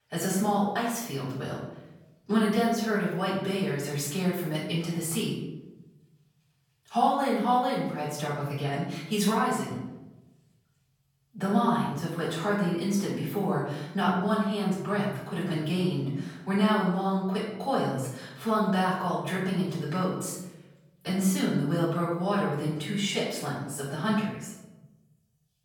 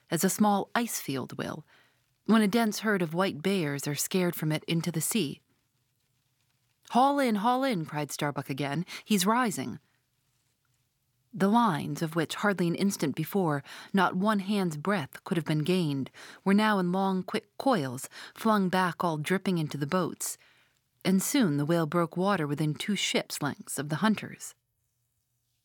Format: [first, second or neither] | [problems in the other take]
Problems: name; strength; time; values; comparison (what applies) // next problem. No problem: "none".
second | off-mic speech; far // room echo; noticeable; dies away in 0.9 s